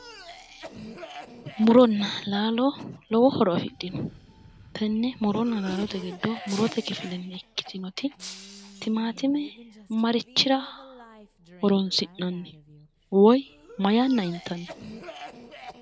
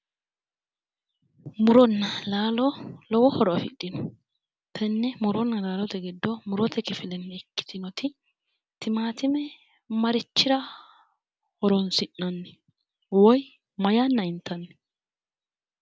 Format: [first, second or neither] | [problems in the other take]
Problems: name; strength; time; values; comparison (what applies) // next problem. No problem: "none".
second | background sound (Cough + Shatter); 19 dB below the speech